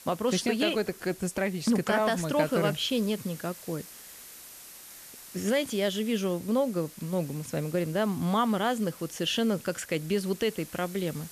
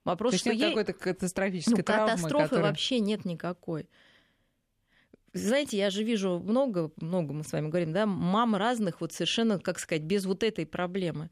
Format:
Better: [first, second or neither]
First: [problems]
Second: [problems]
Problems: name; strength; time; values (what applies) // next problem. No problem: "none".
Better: second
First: hiss; noticeable; throughout; 15 dB below the speech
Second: none